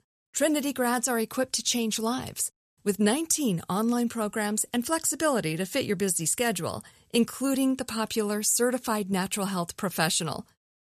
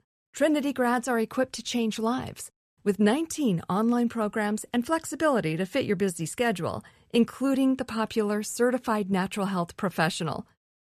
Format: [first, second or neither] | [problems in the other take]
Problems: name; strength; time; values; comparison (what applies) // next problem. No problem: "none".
first | muffled; slightly; fading above 4 kHz